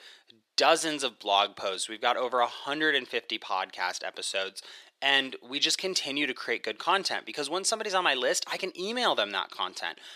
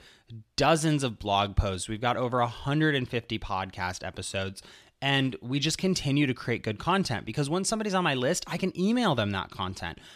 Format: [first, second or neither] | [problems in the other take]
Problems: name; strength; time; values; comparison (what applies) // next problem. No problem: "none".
second | thin; very; fading below 400 Hz